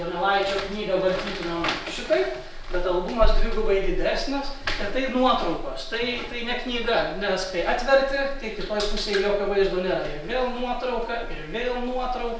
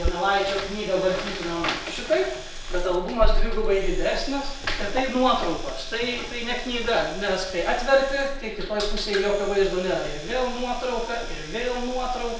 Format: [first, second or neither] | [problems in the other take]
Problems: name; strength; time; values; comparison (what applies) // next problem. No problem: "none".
first | background sound (Domestic sounds, home sounds + Sink (filling or washing)); 14 dB below the speech